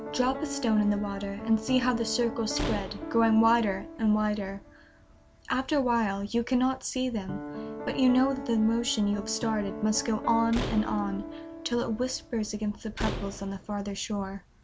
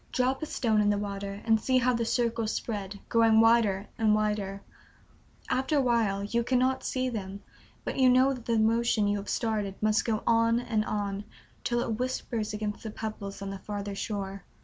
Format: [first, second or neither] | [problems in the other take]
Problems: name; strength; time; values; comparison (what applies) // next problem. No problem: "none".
second | background sound (Slam + Piano); 10 dB below the speech